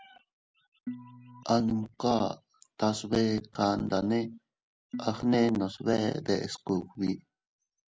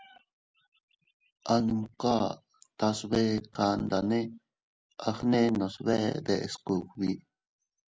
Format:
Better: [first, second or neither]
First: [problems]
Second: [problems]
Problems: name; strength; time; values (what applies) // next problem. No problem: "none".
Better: second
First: background sound (Organ); 14 dB below the speech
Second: none